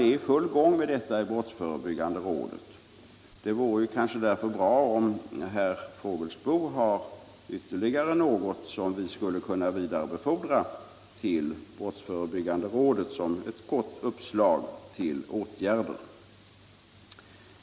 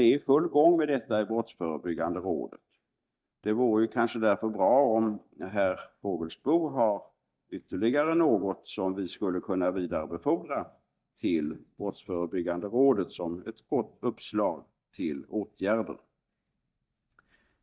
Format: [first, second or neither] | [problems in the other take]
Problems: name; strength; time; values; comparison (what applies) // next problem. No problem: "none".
first | noise reduction (neural mask model DeepFilterNet 3)